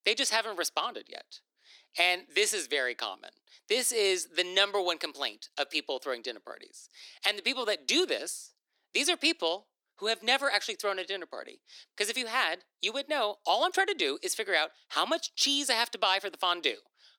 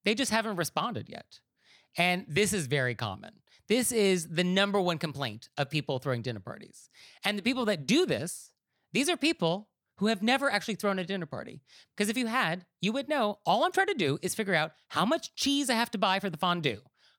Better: second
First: thin; somewhat; fading below 300 Hz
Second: none

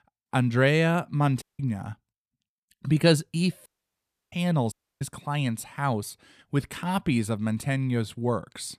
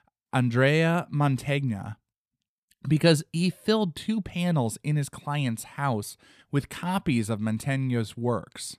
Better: second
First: audio cutting out; at 1.5 s, at 3.5 s for 0.5 s and at 4.5 s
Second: none

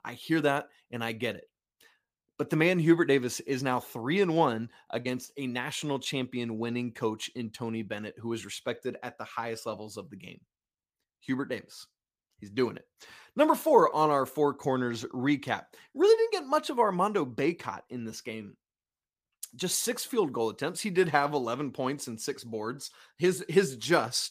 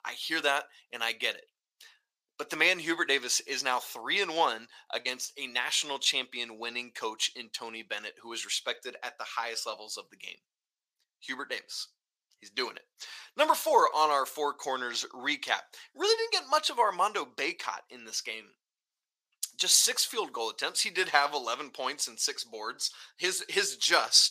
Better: first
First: none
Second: thin; very; fading below 650 Hz

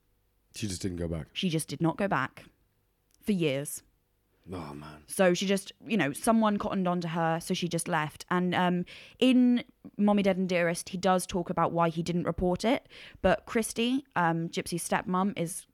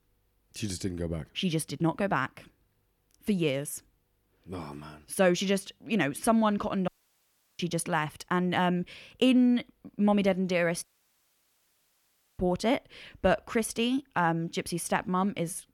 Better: first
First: none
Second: audio cutting out; at 7 s for 0.5 s and at 11 s for 1.5 s

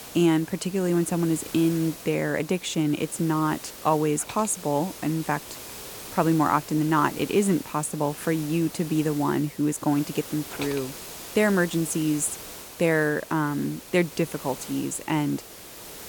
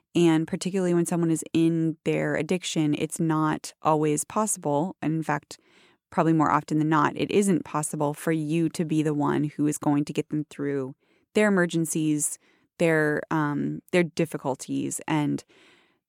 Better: second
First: hiss; noticeable; throughout; 15 dB below the speech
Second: none

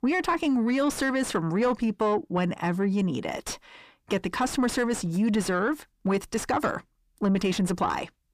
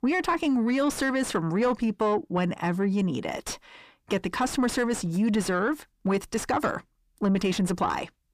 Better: neither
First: distortion; slight; 9 dB below the speech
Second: distortion; slight; 9 dB below the speech

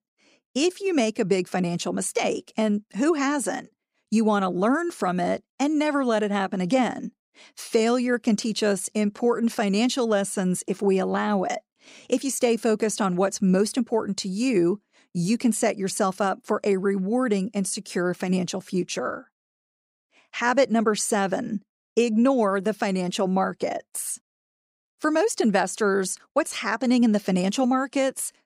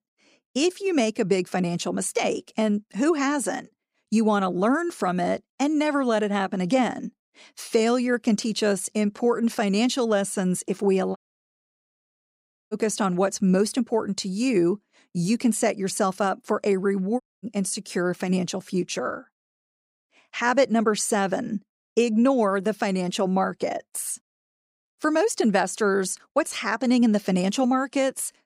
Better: first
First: none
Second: audio cutting out; at 11 s for 1.5 s and at 17 s

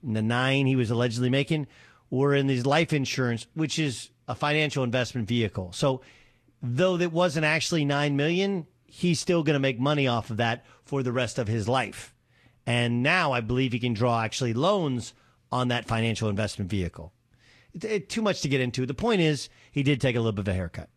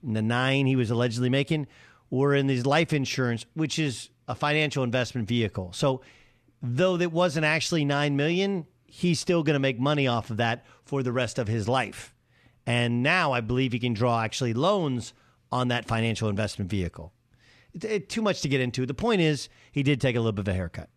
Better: second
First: garbled, watery; slightly; nothing above 13.5 kHz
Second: none

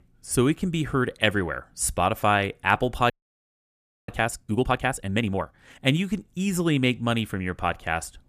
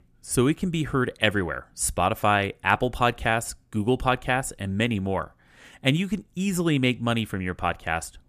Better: second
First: audio freezing; at 3 s for 1 s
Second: none

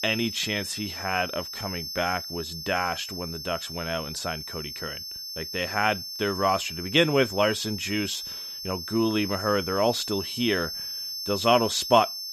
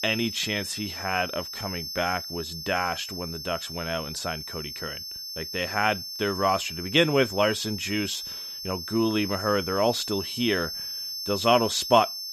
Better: neither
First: high-pitched whine; loud; throughout; 5.5 kHz, 6 dB below the speech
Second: high-pitched whine; loud; throughout; 5.5 kHz, 6 dB below the speech

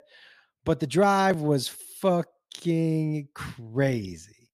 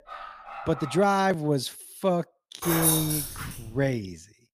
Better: first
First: none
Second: dog barking; faint; until 1 s; peak 10 dB below the speech // jangling keys; loud; at 2.5 s; peak 5 dB above the speech

